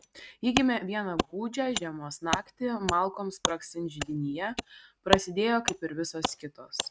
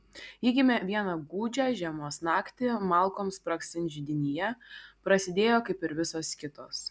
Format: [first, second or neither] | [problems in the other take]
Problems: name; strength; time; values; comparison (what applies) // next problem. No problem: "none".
second | noise reduction (neural mask model RNNoise)